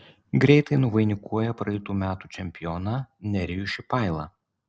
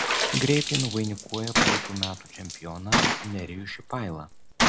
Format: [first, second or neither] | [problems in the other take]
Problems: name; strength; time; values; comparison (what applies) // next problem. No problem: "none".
first | background sound (Water / Splash, splatter + Gunshot, gunfire); 3 dB above the speech